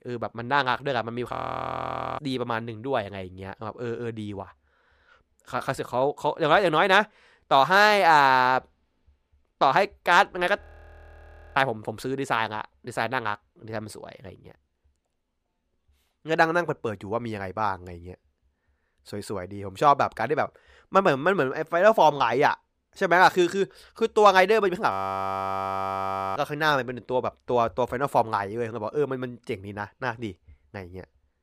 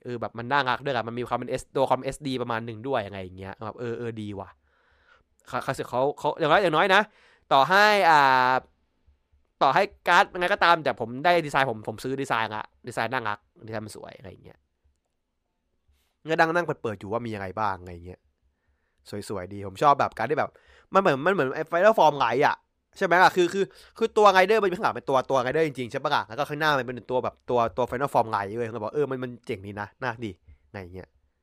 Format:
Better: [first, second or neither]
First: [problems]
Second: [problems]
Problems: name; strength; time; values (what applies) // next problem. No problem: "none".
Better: second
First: audio freezing; at 1.5 s for 1 s, at 11 s for 1 s and at 25 s for 1.5 s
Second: none